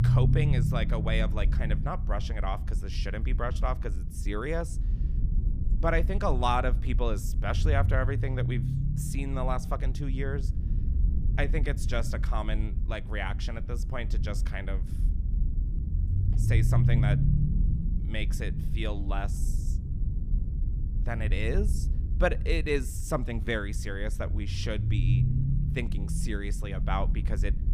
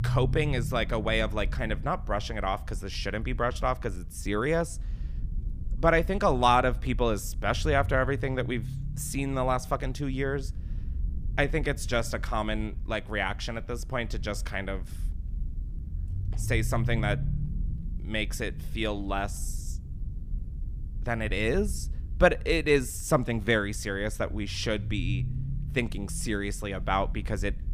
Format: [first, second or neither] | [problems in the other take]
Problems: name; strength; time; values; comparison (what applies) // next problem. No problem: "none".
second | low rumble; loud; throughout; 10 dB below the speech; faint in the second